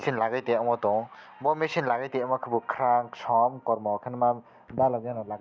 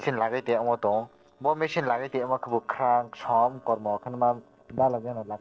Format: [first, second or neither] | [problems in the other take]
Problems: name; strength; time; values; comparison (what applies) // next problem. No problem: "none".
first | noise reduction (neural separator model SepFormer DNS4)